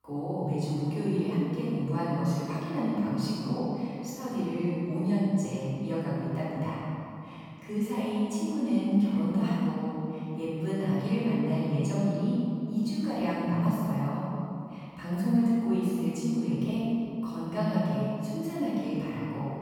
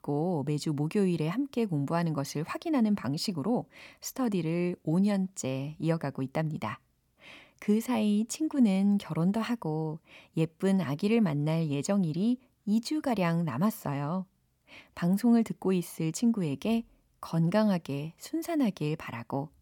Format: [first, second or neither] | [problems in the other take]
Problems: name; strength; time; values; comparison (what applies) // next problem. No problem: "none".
second | off-mic speech; far // room echo; strong; dies away in 2.6 s